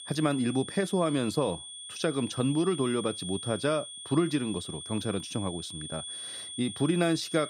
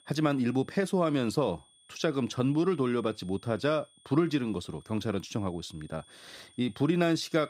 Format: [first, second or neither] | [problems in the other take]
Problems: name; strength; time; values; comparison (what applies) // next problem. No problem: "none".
second | high-pitched whine; loud; throughout; 3.5 kHz, 9 dB below the speech; faint in the second